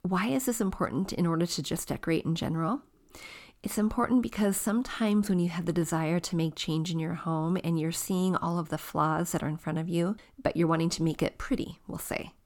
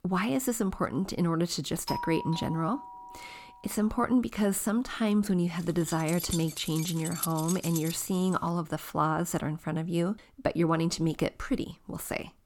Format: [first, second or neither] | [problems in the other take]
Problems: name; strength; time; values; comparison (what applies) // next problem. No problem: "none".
first | doorbell; noticeable; from 2 to 3.5 s; peak 6 dB below the speech // jangling keys; noticeable; from 6 to 8.5 s; peak 4 dB below the speech